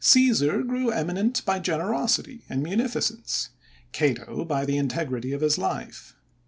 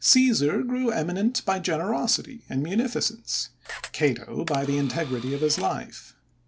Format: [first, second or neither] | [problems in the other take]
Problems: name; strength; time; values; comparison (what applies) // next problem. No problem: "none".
first | background sound (Camera); 15 dB below the speech